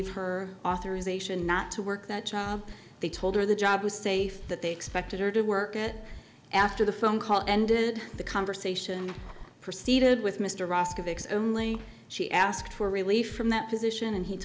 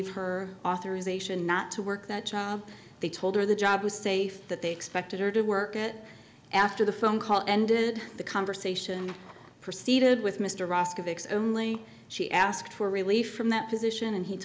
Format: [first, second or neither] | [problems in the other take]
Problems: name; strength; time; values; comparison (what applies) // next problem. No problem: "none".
second | background sound (Scratching (performance technique)); 17 dB below the speech